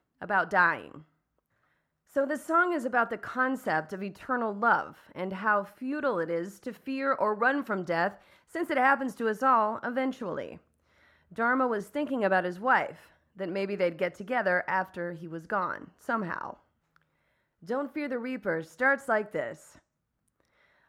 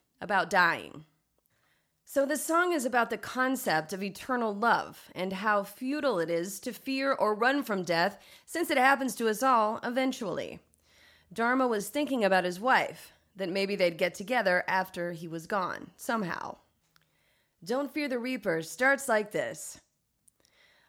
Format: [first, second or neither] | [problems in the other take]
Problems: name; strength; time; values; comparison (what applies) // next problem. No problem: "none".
second | muffled; slightly; fading above 2.5 kHz